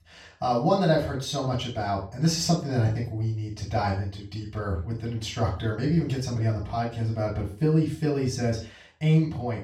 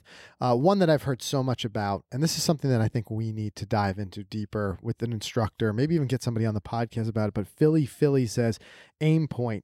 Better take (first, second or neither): second